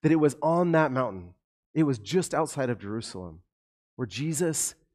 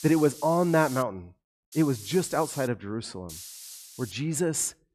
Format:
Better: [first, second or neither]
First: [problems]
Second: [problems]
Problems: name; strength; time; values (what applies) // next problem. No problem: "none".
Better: first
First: none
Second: hiss; noticeable; until 1 s, at 1.5 s and at 3.5 s; 15 dB below the speech